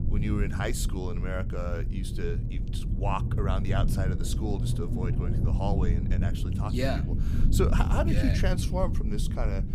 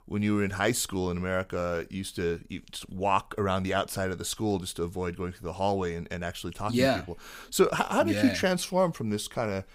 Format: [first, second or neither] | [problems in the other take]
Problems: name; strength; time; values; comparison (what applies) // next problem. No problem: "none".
second | low rumble; loud; throughout; 7 dB below the speech